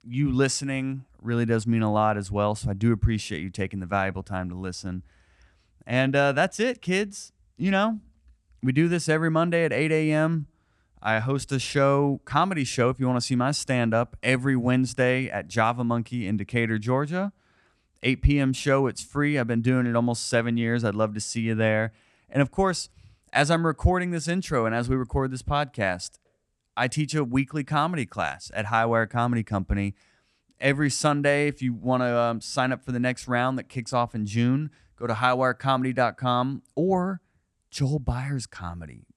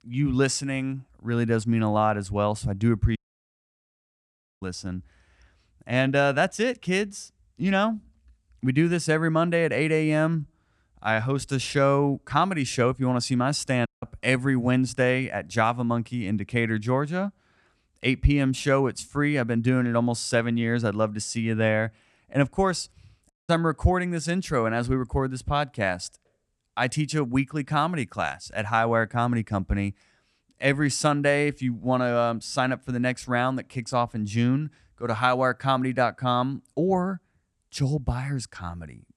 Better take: first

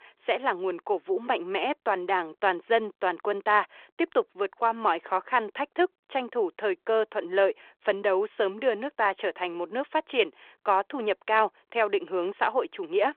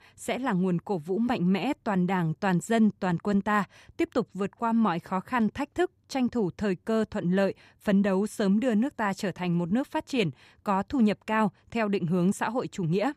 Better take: second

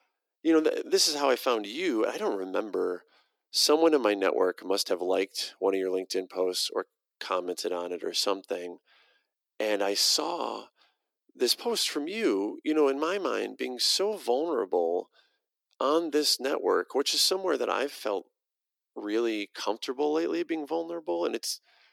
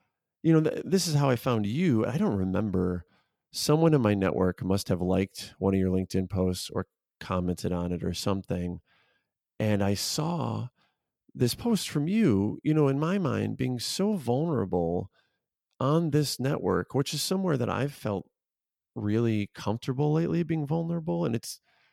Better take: second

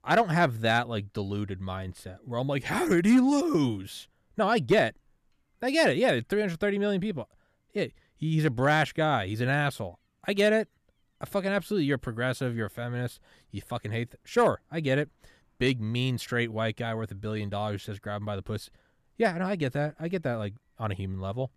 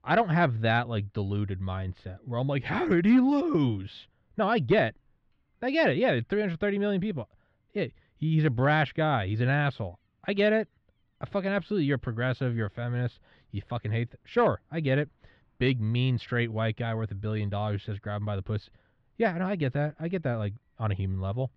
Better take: first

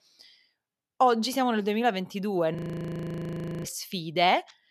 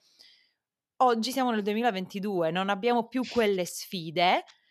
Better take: second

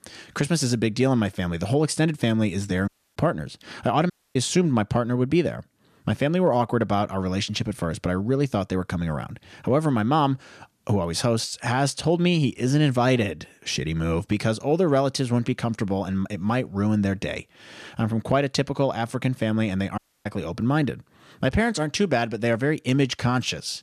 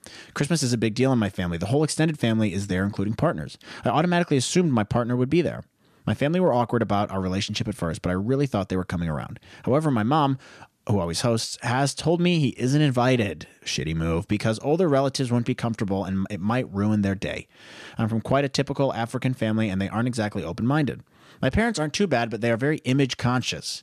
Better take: second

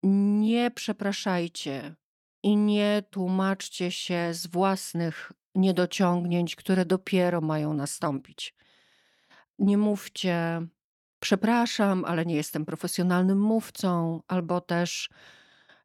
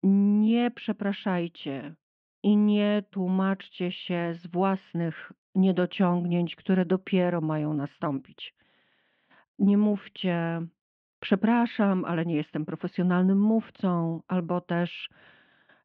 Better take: first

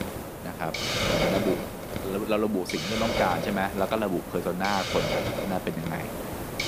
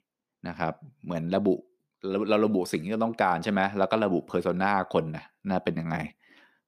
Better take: second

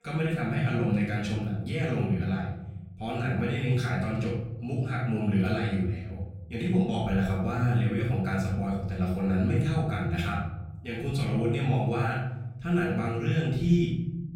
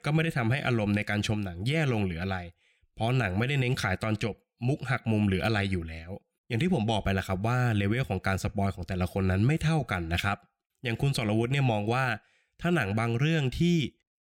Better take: second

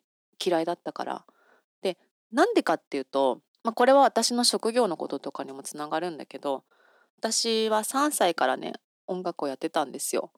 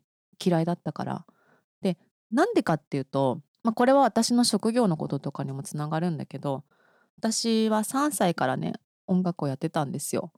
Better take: second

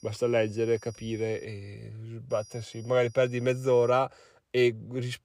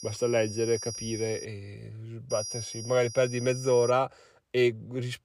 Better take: first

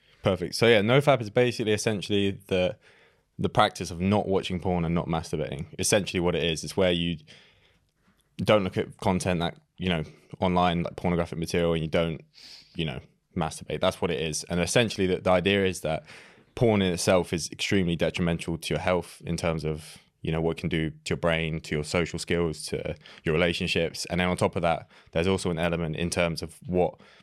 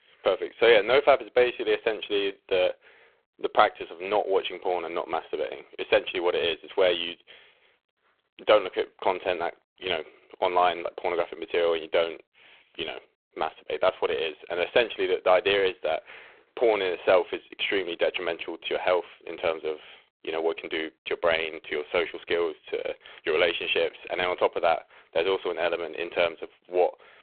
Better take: first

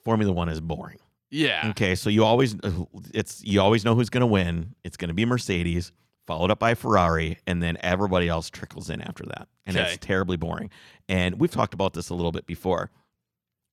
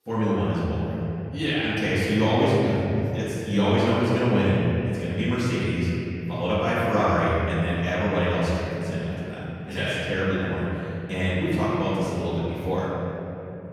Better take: first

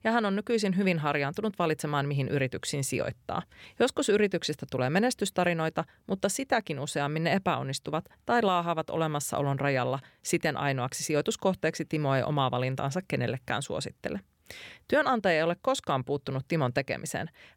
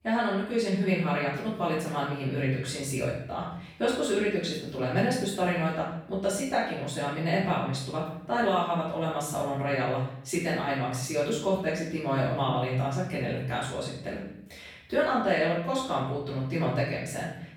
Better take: first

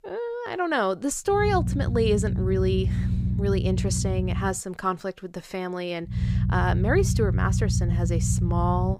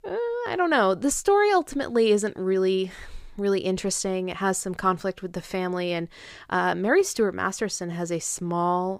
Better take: second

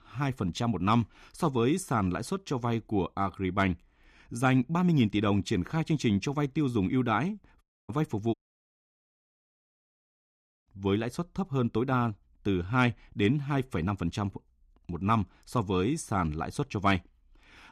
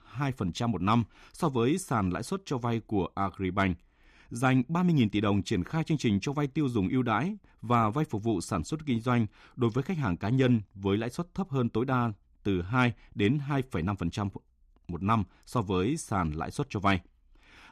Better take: second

